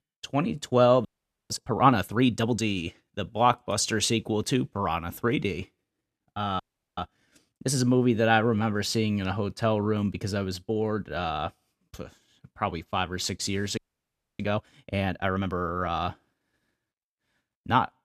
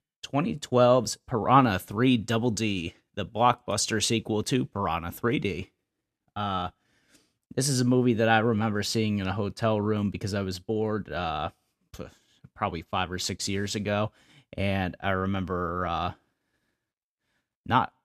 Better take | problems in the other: second | audio freezing; at 1 s, at 6.5 s and at 14 s for 0.5 s

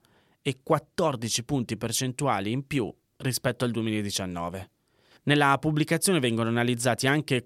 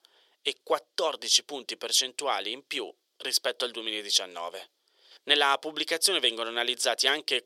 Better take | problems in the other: first | thin; very; fading below 450 Hz

